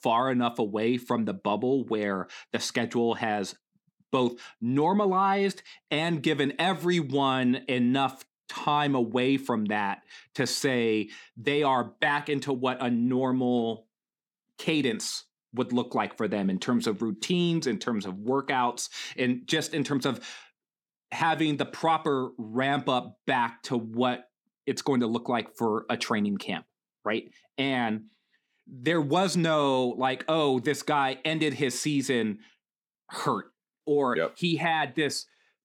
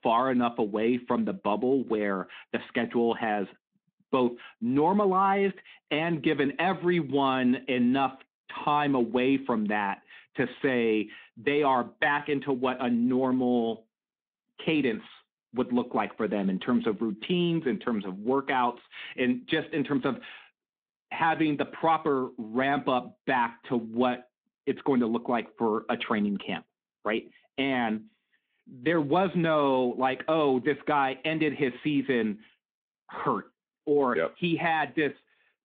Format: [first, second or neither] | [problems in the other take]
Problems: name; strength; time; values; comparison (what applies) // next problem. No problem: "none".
first | phone-call audio